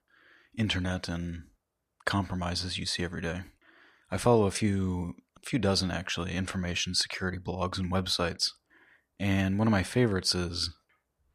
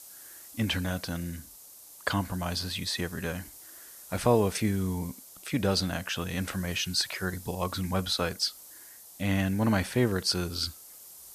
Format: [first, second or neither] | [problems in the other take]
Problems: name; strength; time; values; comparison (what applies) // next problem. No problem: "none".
first | hiss; noticeable; throughout; 15 dB below the speech